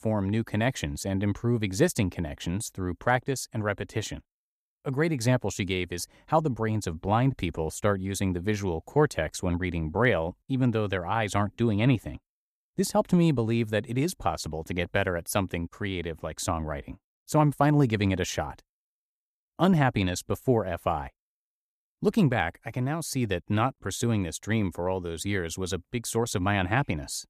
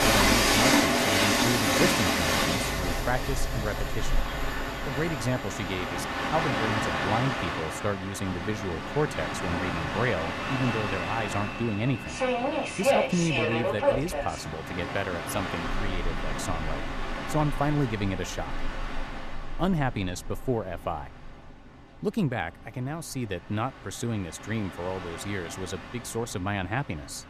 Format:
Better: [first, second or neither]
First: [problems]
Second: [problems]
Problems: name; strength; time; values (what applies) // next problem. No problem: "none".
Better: first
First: none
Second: train or aircraft noise; very loud; throughout; 3 dB above the speech